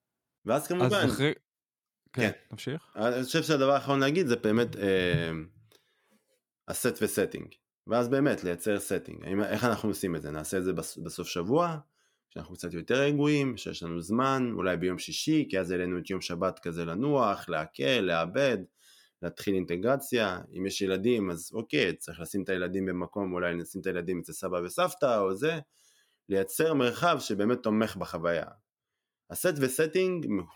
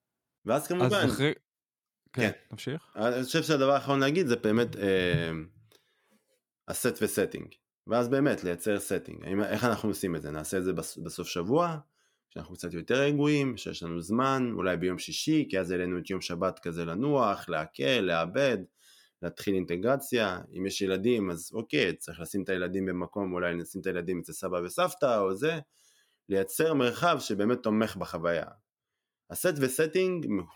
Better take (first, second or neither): neither